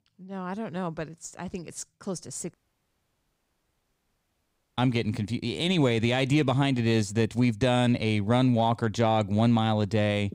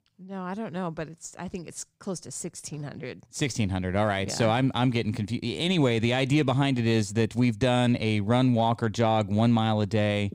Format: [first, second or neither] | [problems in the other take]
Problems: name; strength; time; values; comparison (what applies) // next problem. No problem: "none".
second | audio cutting out; at 2.5 s for 2 s